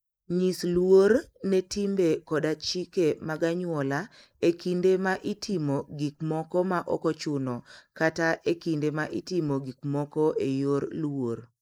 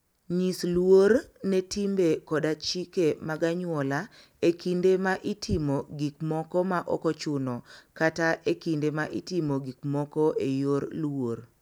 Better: second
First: noise reduction (neural mask model Resemble Enhance denoiser)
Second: none

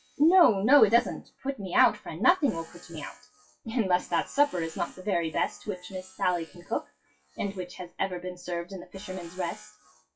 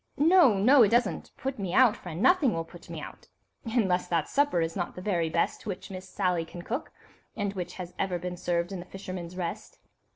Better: second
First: noise reduction (classical method WPE with log-MMSE)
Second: none

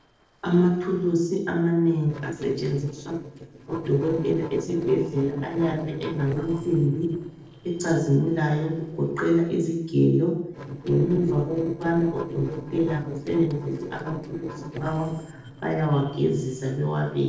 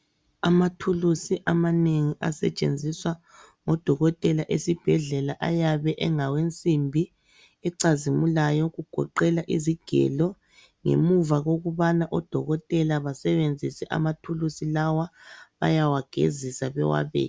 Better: second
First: noise reduction (neural separator model SepFormer DNS4)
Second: none

